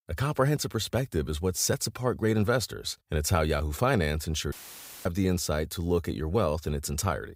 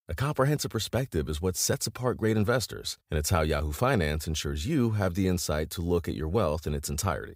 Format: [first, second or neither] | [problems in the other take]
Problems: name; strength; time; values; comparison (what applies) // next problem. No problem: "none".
second | audio cutting out; filled with static; at 4.5 s for 0.5 s